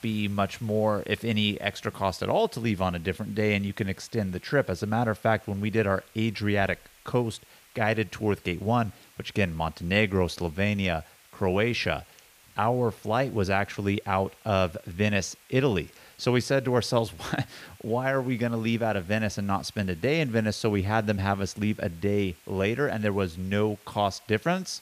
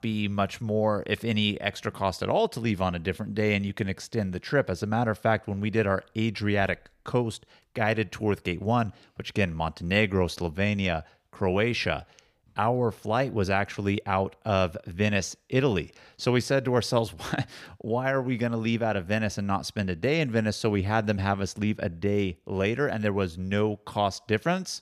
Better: second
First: hiss; faint; throughout; 25 dB below the speech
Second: none

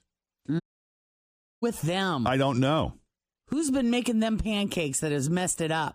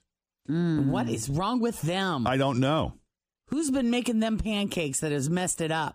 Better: second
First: audio cutting out; at 0.5 s for 1 s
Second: none

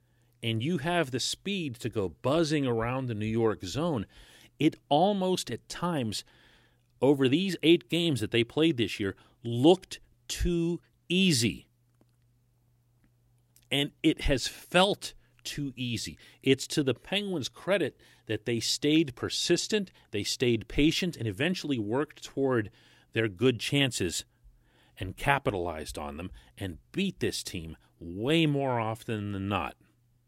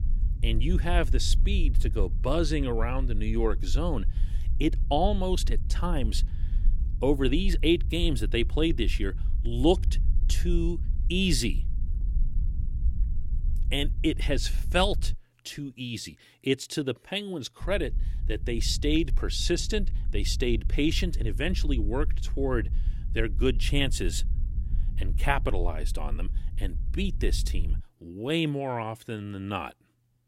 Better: first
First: none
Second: low rumble; faint; until 15 s and from 18 to 28 s; 20 dB below the speech

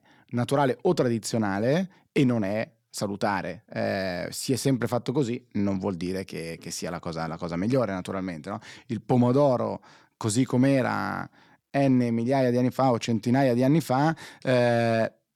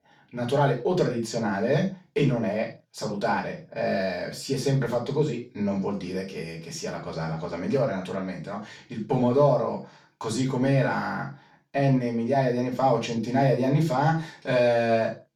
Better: first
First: none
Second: room echo; noticeable; dies away in 0.3 s // off-mic speech; far

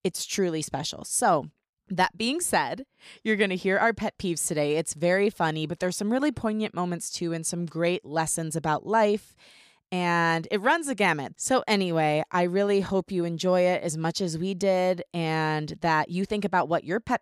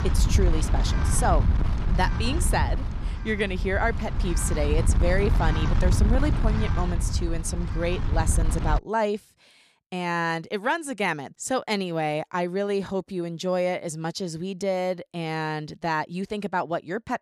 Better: first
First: none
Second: wind noise on the microphone; heavy; until 9 s; 8 dB below the speech

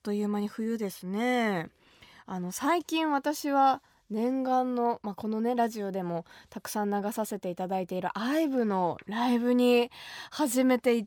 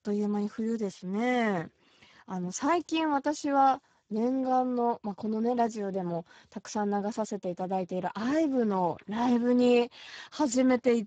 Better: first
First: none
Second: garbled, watery; badly; nothing above 7.5 kHz

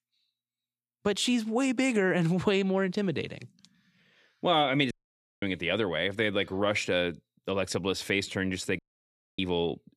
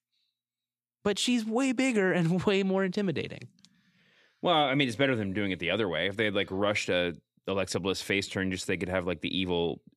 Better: second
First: audio cutting out; at 5 s for 0.5 s and at 9 s for 0.5 s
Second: none

